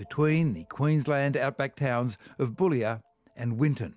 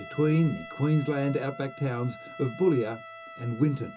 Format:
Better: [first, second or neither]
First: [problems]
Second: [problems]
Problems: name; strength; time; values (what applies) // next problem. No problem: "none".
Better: first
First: none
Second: background sound (Trumpet); 16 dB below the speech // room echo; dies away in 0.2 s